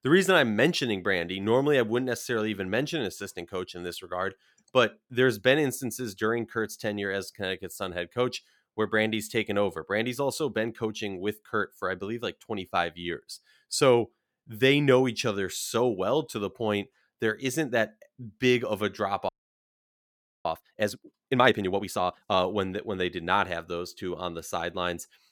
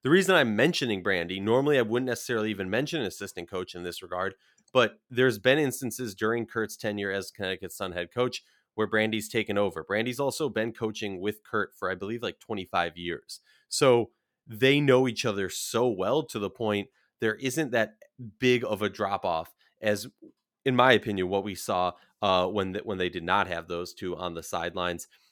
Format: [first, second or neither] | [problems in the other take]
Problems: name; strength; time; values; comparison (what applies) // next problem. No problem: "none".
second | audio freezing; at 19 s for 1 s